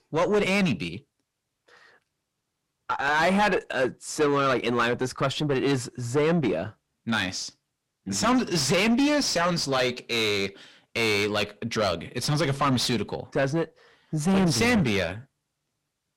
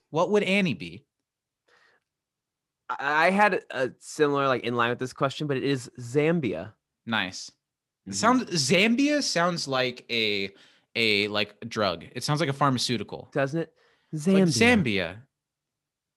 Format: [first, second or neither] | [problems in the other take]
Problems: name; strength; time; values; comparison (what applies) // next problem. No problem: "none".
second | distortion; heavy; 6 dB below the speech